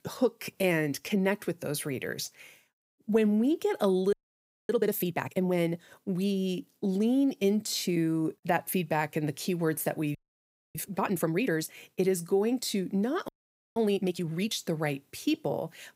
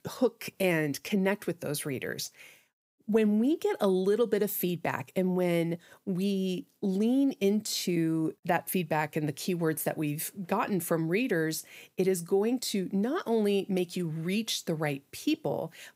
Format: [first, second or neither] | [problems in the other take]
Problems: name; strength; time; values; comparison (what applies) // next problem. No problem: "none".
second | audio freezing; at 4 s for 0.5 s, at 10 s for 0.5 s and at 13 s